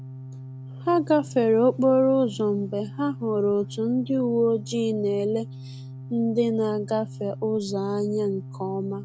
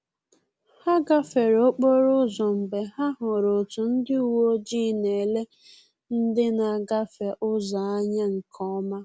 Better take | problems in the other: second | background sound (Organ); 14 dB below the speech

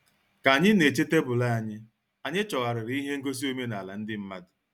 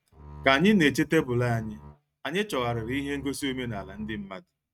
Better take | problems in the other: first | noise reduction (neural mask model RNNoise)

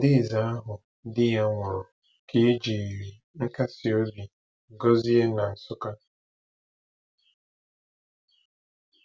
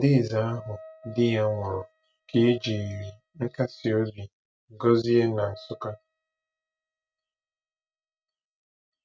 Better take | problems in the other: first | noise reduction (neural mask model RNNoise)

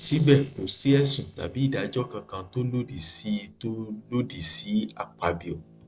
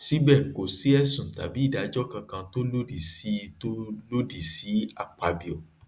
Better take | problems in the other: second | noise reduction (neural separator model SepFormer DNS4)

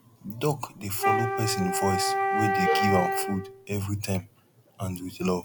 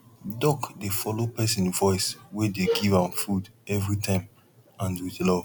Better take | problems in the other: second | background sound (Wind instrument, woodwind instrument); 2 dB above the speech

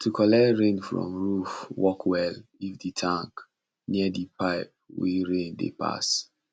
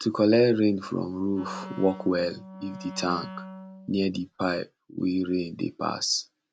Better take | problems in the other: first | background sound (Wind instrument, woodwind instrument); 15 dB below the speech

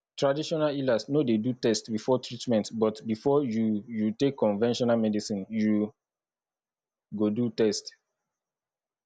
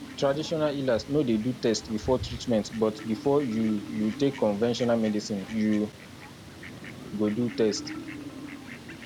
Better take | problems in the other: first | background sound (Fowl + Marimba, xylophone); 13 dB below the speech

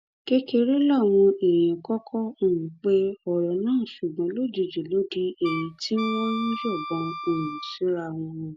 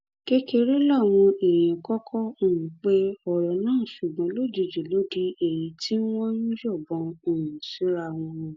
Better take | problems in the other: second | background sound (Wind instrument, woodwind instrument); 10 dB below the speech

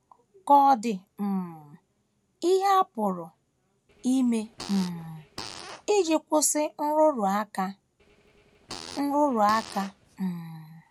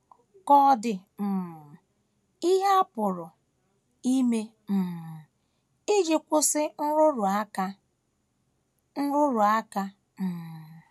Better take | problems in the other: second | background sound (Fart); 17 dB below the speech

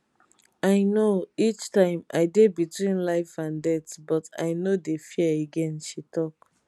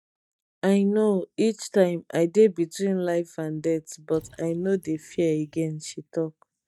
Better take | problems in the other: first | noise reduction (neural mask model DeepFilterNet 3)

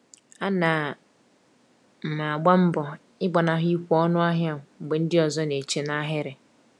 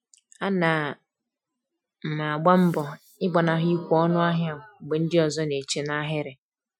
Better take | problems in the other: first | noise reduction (classical method Wiener filter)

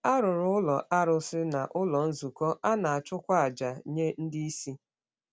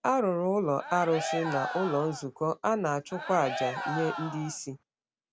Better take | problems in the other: first | background sound (Cheering); 7 dB below the speech

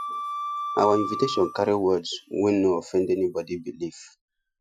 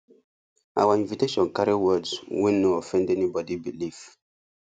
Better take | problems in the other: second | noise reduction (classical method Wiener filter)

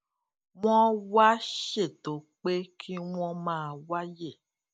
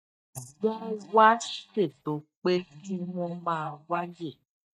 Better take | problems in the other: first | noise reduction (neural mask model DeepFilterNet 3)

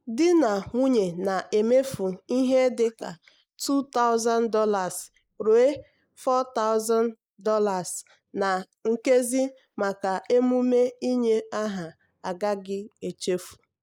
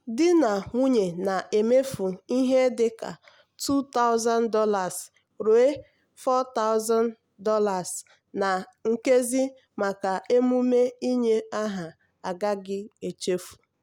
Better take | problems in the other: second | noise reduction (neural mask model Resemble Enhance denoiser)

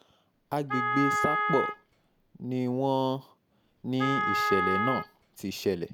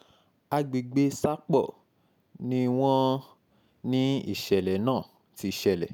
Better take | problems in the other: second | background sound (Wind instrument, woodwind instrument); as loud as the speech

